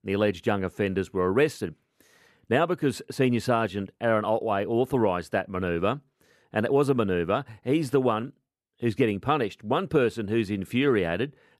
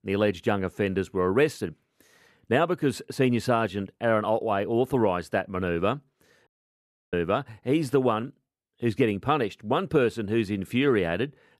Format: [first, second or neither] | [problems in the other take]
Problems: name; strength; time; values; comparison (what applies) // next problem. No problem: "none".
first | audio cutting out; at 6.5 s for 0.5 s